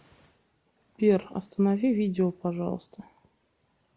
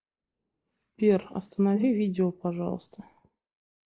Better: first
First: none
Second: noise reduction (neural mask model Resemble Enhance denoiser)

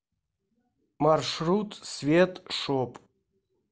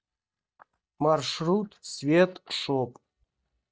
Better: first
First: none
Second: noise reduction (neural mask model DeepFilterNet 3)

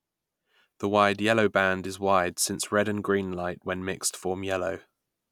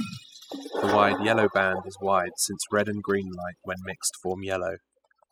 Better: first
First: none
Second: noise reduction (classical method spectral subtraction)

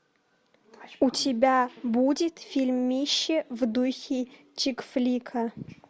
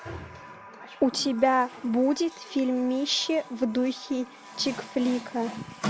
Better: first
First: none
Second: background sound (Water tap, faucet); 14 dB below the speech

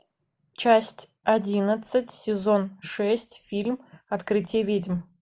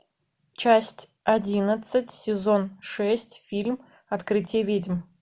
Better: second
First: noise reduction (neural mask model Resemble Enhance denoiser)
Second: none

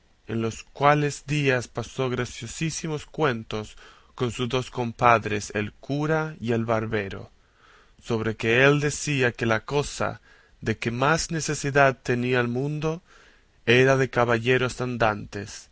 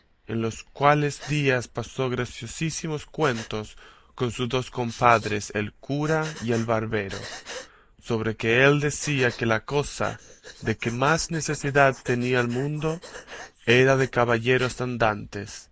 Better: first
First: none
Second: noise reduction (neural mask model Resemble Enhance denoiser)

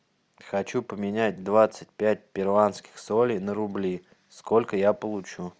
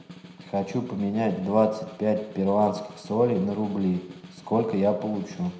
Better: first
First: none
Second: background sound (Snare drum); 20 dB below the speech // room echo; dies away in 0.8 s

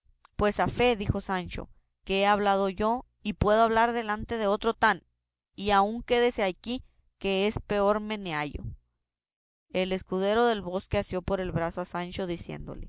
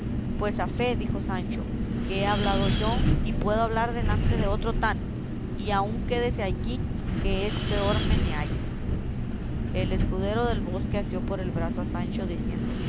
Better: first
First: none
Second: background sound (Wind); 4 dB above the speech

